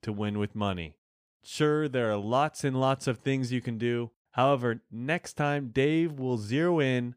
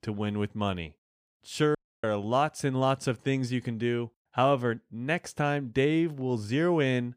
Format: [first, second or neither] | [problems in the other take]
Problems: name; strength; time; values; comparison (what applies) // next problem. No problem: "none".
first | audio cutting out; at 2 s